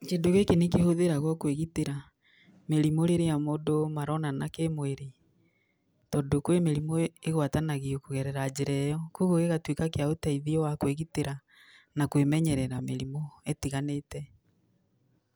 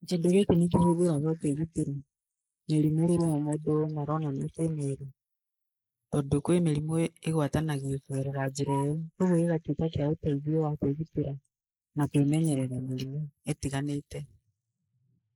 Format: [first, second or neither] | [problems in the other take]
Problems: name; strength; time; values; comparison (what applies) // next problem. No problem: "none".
first | noise reduction (neural mask model Resemble Enhance denoiser)